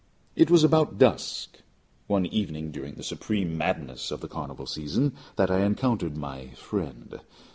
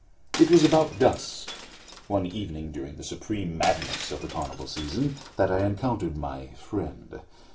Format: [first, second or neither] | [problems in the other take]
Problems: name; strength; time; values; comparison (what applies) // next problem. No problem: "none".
first | background sound (Shatter); 13 dB below the speech // room echo; dies away in 0.2 s